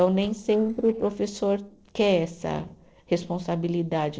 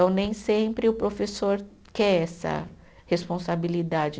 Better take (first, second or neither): second